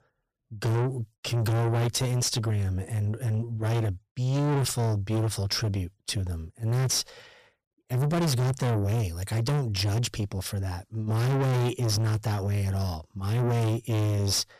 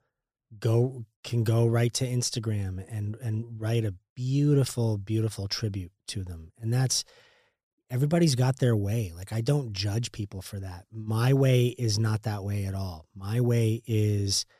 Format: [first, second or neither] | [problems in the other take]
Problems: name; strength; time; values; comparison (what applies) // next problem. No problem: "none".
second | distortion; heavy; 6 dB below the speech